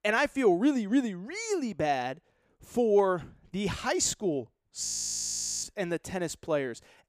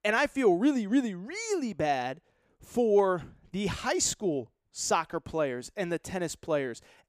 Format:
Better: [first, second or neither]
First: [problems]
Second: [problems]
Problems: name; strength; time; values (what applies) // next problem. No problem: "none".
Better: second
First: audio freezing; at 5 s for 1 s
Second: none